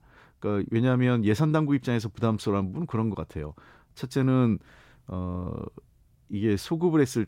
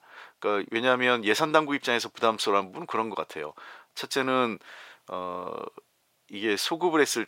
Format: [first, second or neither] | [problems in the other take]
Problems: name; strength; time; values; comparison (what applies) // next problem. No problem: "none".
first | thin; very; fading below 650 Hz